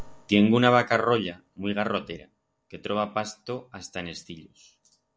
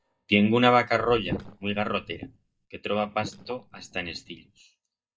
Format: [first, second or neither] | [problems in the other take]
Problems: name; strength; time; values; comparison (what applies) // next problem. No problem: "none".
first | noise reduction (neural mask model DeepFilterNet 3)